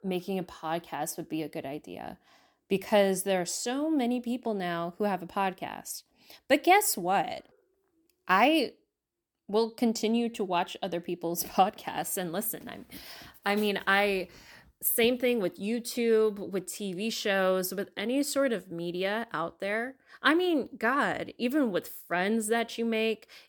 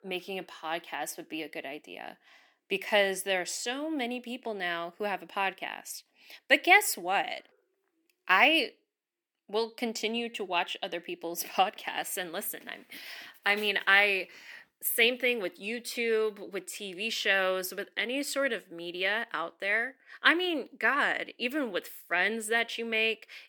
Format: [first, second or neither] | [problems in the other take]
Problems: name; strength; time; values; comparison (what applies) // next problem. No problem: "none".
first | thin; very slightly; fading below 300 Hz